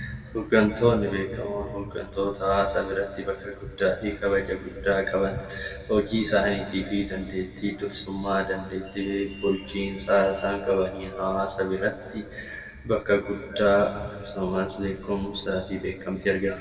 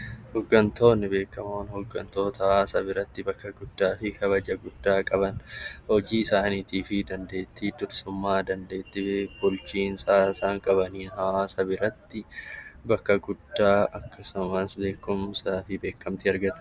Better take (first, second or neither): second